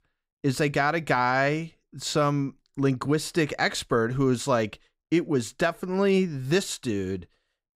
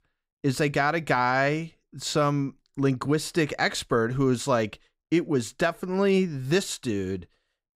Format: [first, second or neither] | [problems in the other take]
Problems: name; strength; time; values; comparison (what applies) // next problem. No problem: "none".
neither | none